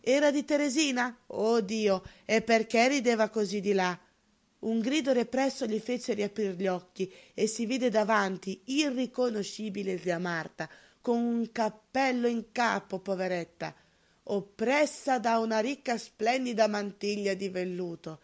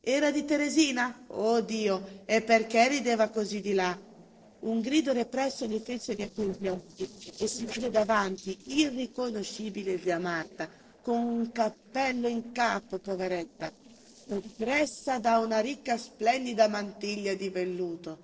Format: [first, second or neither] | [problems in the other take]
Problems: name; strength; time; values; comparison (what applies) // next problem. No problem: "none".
first | noise reduction (neural separator model SepFormer DNS4)